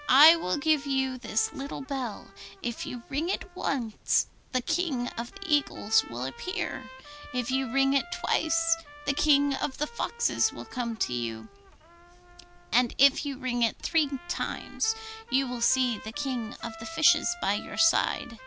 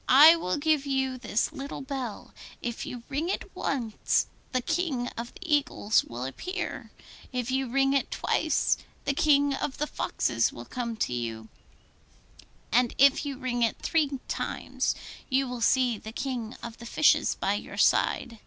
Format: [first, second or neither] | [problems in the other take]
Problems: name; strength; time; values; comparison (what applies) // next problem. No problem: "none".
second | background sound (Trumpet); 18 dB below the speech